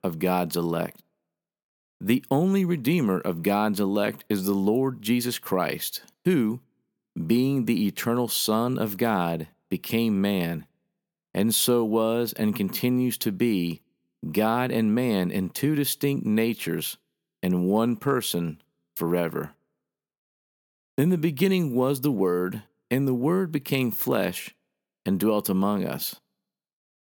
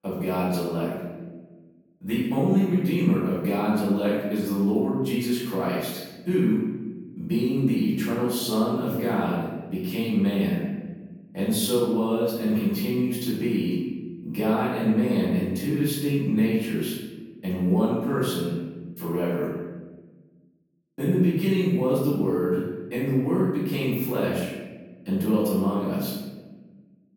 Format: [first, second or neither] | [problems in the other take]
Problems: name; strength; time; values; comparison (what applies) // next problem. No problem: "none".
first | room echo; strong; dies away in 1.2 s // off-mic speech; far